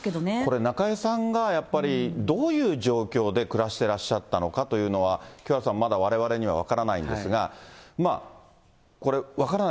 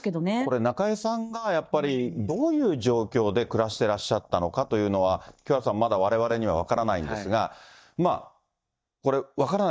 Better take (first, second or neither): first